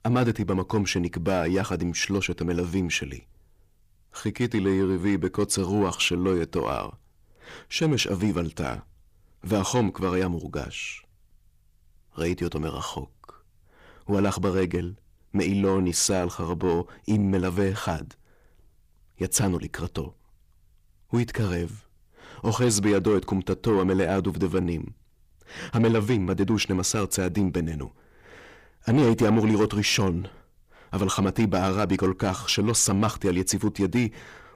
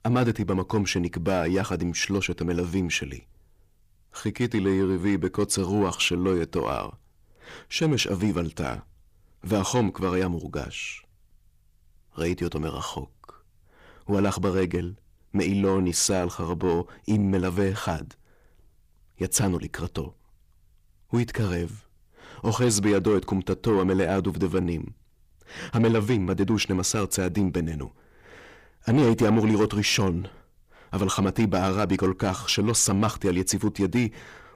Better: neither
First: distortion; slight; 10 dB below the speech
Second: distortion; slight; 10 dB below the speech

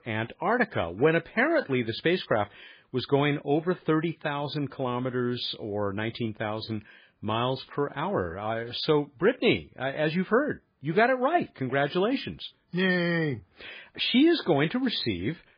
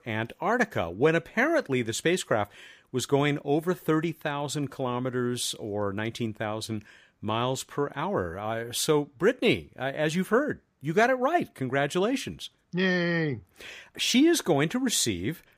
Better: second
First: garbled, watery; badly; nothing above 4.5 kHz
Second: none

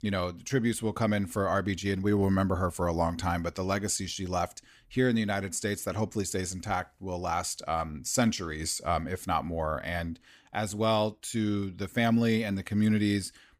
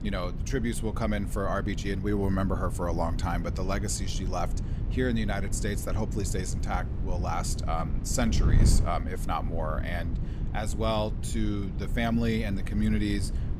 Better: first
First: none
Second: wind noise on the microphone; occasional gusts; 10 dB below the speech

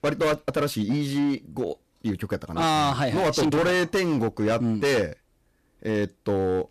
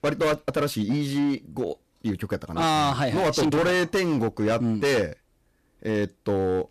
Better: neither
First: distortion; heavy; 14% of the sound clipped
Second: distortion; heavy; 14% of the sound clipped

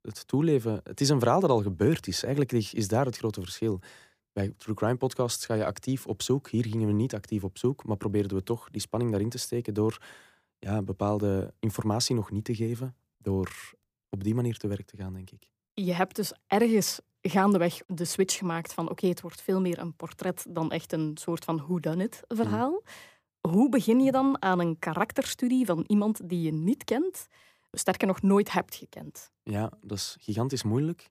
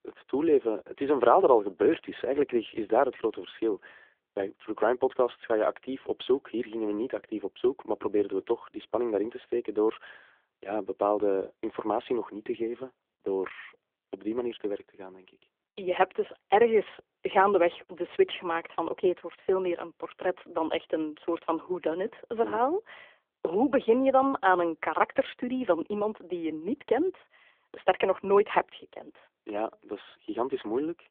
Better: first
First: none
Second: phone-call audio; poor line; nothing above 3.5 kHz

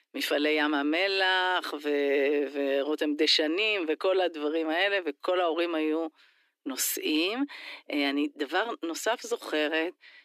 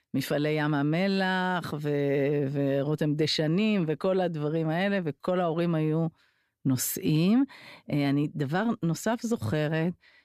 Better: second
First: thin; somewhat; fading below 300 Hz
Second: none

